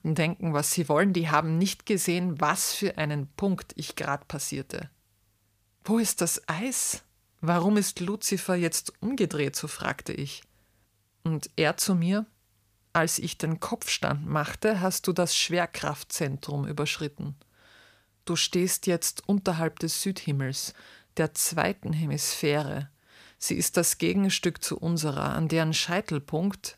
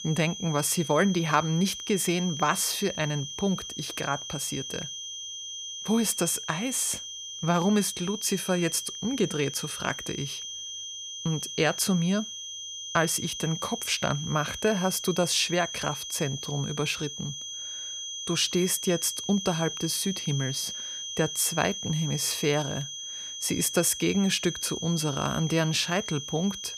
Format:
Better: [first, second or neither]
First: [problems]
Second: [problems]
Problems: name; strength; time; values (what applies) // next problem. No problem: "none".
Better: first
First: none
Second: high-pitched whine; loud; throughout; 3 kHz, 7 dB below the speech